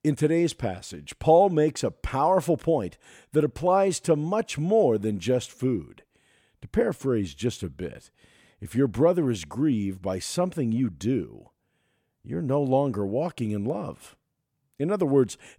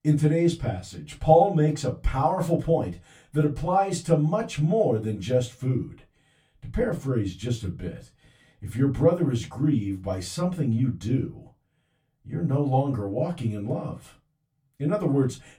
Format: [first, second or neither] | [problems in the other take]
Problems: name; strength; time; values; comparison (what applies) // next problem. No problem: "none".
first | off-mic speech; far // room echo; very slight; dies away in 0.2 s